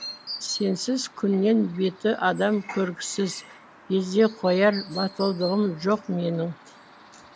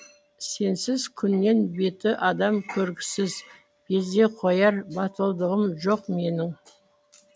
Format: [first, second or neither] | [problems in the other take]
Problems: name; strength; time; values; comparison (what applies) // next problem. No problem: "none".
second | background sound (Chirp, tweet); 17 dB below the speech